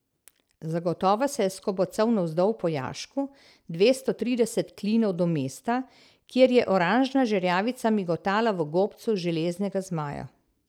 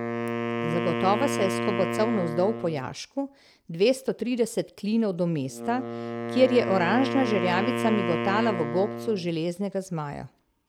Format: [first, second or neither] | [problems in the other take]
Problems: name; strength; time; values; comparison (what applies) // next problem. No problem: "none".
first | background sound (Wind instrument, woodwind instrument); 5 dB below the speech